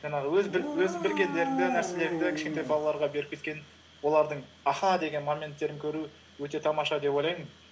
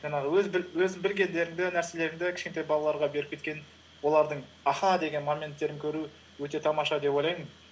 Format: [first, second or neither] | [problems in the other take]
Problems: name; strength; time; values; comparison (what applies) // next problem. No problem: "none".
second | background sound (Dog); 5 dB below the speech